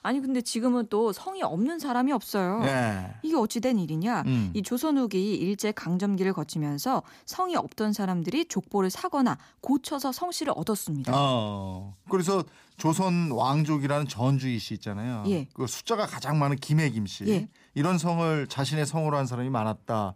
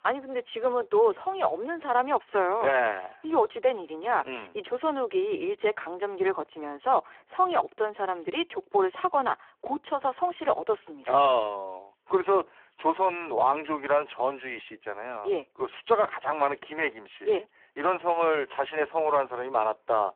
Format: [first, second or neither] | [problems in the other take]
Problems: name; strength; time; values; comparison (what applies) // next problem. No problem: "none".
first | phone-call audio; poor line